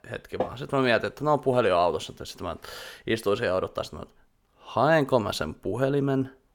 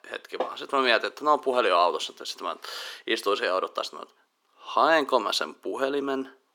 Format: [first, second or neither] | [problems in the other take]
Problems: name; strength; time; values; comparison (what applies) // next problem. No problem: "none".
first | thin; somewhat; fading below 300 Hz